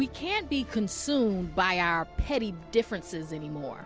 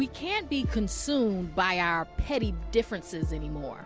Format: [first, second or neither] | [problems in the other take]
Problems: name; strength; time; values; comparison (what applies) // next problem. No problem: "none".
first | background sound (Bass drum); 4 dB below the speech